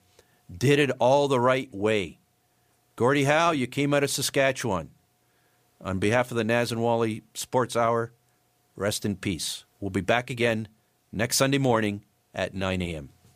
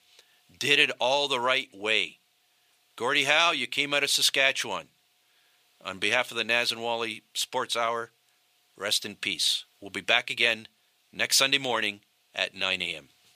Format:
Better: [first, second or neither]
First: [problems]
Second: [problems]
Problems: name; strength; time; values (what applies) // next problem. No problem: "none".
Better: first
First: none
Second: thin; somewhat; fading below 950 Hz